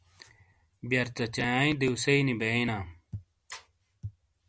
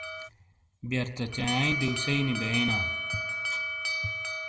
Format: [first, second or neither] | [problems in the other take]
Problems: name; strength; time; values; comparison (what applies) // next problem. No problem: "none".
first | background sound (Alarm); 1 dB below the speech // room echo; dies away in 1 s